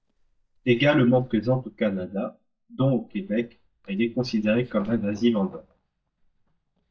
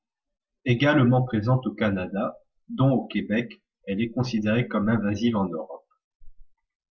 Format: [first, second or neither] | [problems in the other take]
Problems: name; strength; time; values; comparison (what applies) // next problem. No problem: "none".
second | noise reduction (neural mask model DeepFilterNet 3)